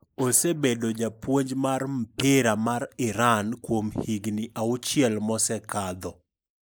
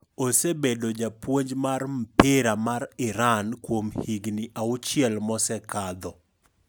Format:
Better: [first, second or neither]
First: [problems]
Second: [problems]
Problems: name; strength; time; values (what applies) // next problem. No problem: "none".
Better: second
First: noise reduction (neural mask model Resemble Enhance denoiser)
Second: none